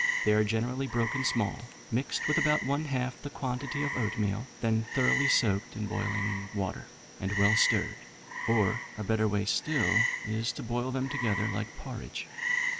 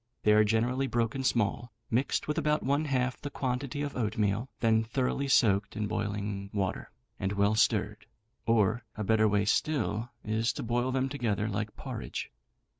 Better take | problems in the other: second | background sound (Frog); 4 dB below the speech

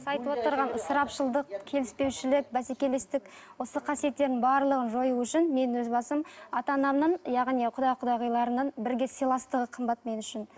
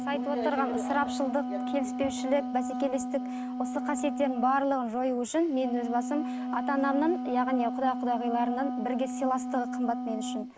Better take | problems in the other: first | background sound (Wind instrument, woodwind instrument); 4 dB below the speech

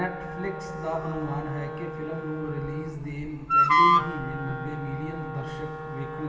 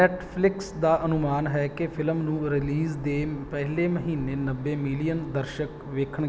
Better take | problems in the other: second | background sound (Wind instrument, woodwind instrument); 5 dB above the speech // room echo; dies away in 2.5 s

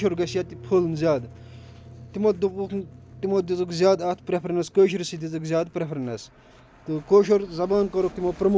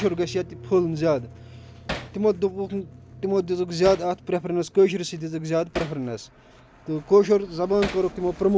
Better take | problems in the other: first | background sound (Hammer); 17 dB below the speech

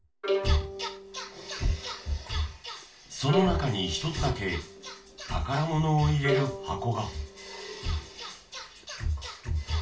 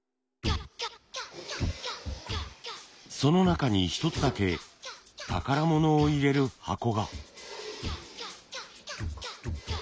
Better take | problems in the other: second | background sound (Bowed string instrument); 7 dB below the speech // room echo; dies away in 0.3 s

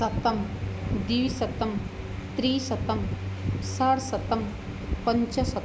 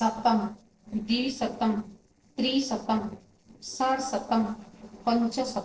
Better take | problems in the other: first | noise reduction (neural separator model SepFormer DNS4)

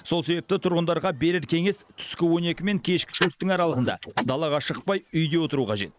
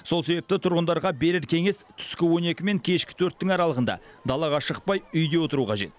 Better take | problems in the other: second | noise reduction (neural mask model Resemble Enhance denoiser)

